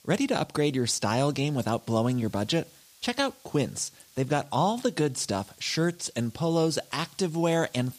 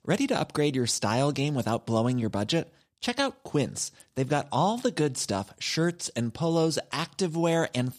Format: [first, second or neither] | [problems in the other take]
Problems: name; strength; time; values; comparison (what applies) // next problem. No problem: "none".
second | hiss; faint; throughout; 25 dB below the speech